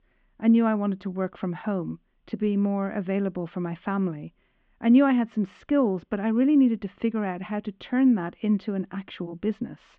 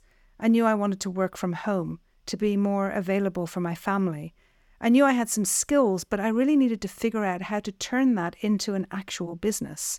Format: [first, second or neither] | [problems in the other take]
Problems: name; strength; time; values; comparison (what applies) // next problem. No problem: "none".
second | muffled; very; fading above 3.5 kHz